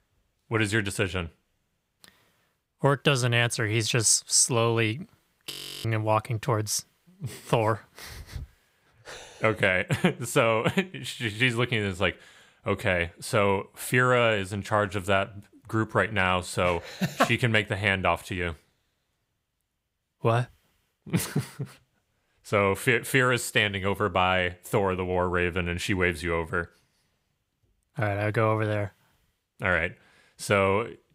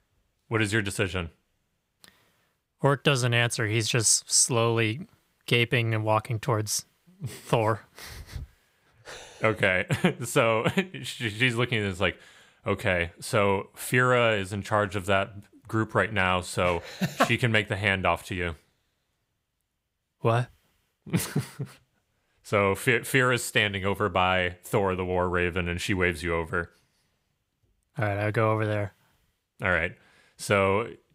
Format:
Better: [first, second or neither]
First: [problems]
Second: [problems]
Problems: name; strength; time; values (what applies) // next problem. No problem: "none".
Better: second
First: audio freezing; at 5.5 s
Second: none